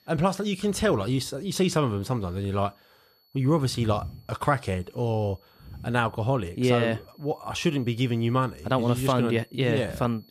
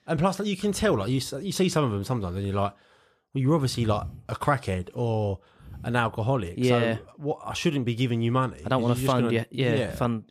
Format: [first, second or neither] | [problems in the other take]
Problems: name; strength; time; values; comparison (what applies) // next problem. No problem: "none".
second | high-pitched whine; faint; throughout; 4.5 kHz, 35 dB below the speech